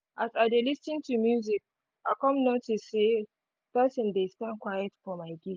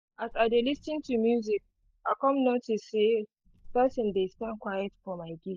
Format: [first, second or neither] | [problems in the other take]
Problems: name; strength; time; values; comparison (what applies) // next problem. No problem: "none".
first | noise reduction (neural mask model DeepFilterNet 3)